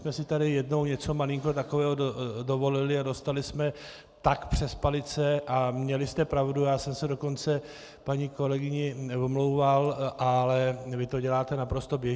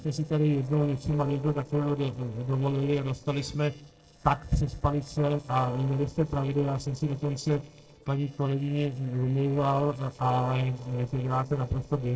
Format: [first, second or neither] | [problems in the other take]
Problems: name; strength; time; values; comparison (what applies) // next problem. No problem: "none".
first | noise reduction (neural separator model SepFormer DNS4)